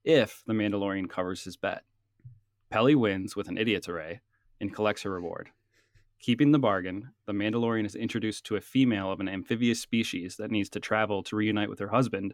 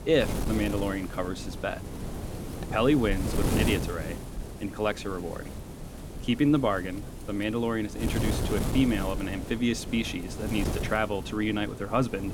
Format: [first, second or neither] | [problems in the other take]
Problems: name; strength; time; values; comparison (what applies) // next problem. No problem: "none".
first | wind noise on the microphone; heavy; 9 dB below the speech